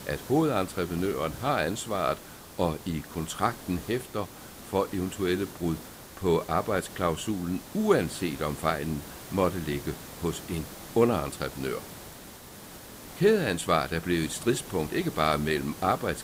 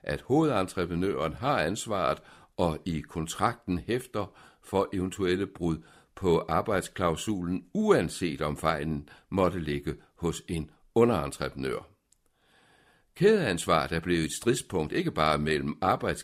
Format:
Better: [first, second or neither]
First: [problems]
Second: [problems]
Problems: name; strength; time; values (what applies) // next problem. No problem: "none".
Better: second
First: hiss; noticeable; throughout; 15 dB below the speech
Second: none